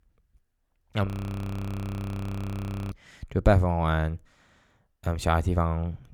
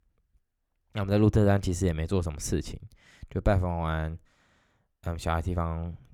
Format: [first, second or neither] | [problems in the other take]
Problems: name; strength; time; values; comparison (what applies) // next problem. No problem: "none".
second | audio freezing; at 1 s for 2 s